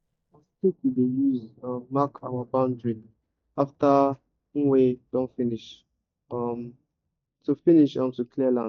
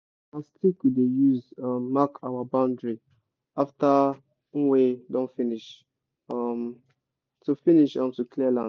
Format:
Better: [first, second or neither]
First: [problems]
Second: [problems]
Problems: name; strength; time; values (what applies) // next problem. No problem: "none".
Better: second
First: noise reduction (neural mask model DeepFilterNet 3)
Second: none